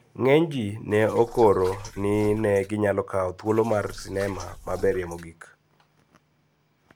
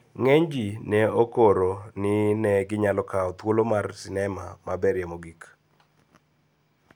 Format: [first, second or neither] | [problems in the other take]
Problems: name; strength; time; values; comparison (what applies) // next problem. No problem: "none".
second | background sound (Liquid); 17 dB below the speech